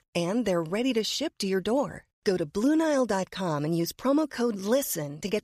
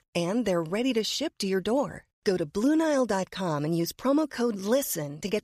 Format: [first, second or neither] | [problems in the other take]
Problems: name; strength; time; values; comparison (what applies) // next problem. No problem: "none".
neither | none